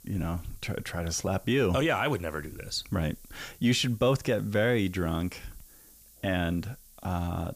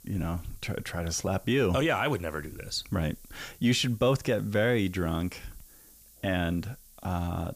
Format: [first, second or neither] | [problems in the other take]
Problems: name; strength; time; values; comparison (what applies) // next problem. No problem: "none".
neither | hiss; faint; throughout; 25 dB below the speech; the same in both